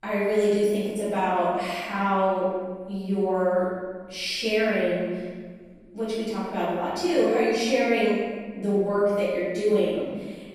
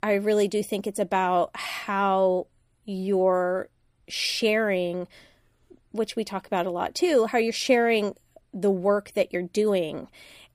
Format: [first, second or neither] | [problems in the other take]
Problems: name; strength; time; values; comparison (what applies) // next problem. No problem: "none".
second | room echo; strong; dies away in 1.4 s // off-mic speech; far